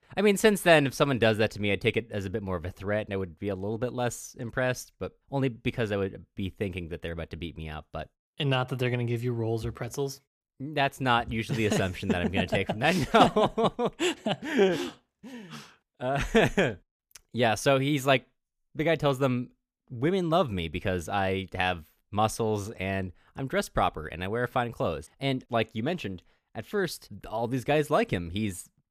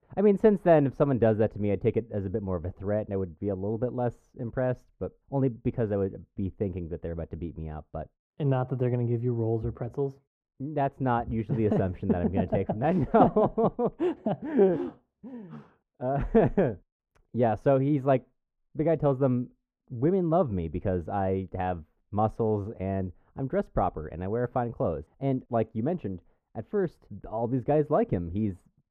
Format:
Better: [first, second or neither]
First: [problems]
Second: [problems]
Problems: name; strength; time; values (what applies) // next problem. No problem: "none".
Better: first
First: none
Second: muffled; very; fading above 2 kHz